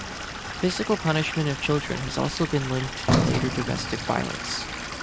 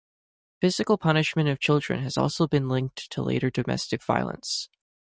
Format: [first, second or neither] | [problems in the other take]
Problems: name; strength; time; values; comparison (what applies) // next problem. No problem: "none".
second | background sound (Stream / Liquid + Sliding door); 2 dB below the speech